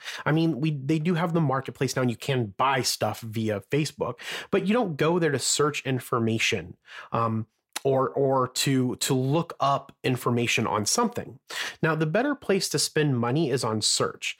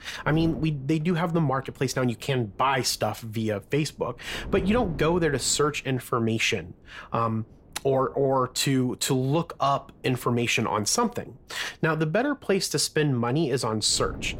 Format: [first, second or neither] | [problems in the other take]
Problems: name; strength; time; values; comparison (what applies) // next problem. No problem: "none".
first | wind noise on the microphone; occasional gusts; 25 dB below the speech